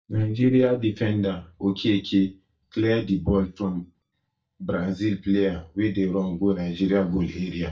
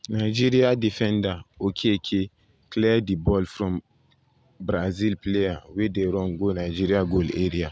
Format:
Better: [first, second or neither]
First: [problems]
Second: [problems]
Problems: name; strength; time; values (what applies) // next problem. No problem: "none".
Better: second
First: noise reduction (neural mask model DeepFilterNet 3)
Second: none